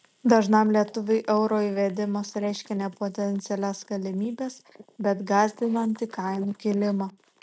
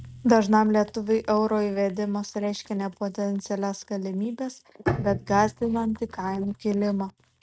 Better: first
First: none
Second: noise reduction (neural mask model RNNoise)

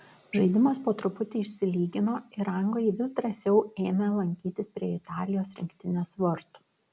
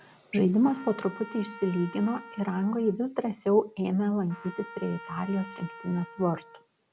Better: first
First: none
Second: background sound (Trumpet); 18 dB below the speech

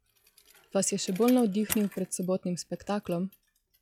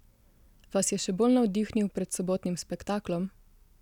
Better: second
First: noise reduction (classical method log-MMSE)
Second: none

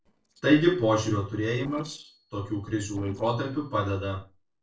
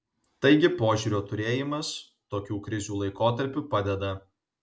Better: second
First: noise reduction (neural separator model SepFormer DNS4)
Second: none

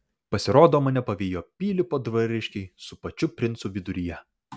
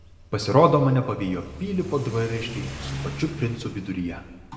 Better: first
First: none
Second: background sound (Accelerating, revving, vroom / Car); 13 dB below the speech // room echo; dies away in 1.4 s

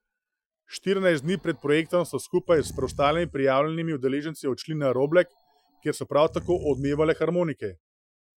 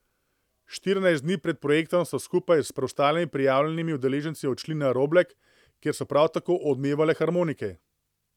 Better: second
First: noise reduction (classical method Wiener filter)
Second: none

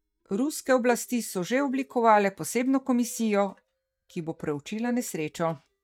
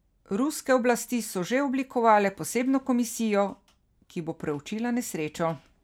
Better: second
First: noise reduction (neural mask model DeepFilterNet 3)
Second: none

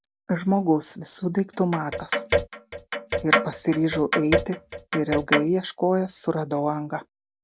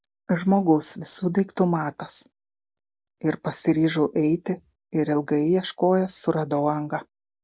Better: second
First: background sound (Clock); 1 dB below the speech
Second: none

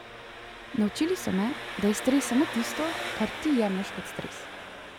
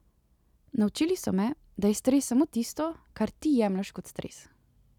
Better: second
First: background sound (Engine); 8 dB below the speech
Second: none

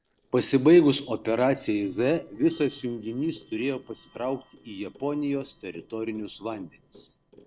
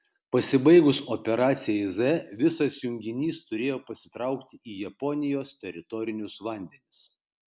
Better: second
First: noise reduction (neural separator model SepFormer DNS4)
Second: none

